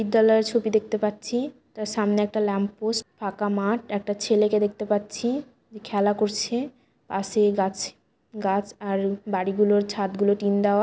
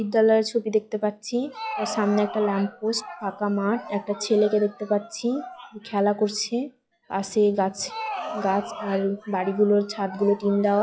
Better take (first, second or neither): first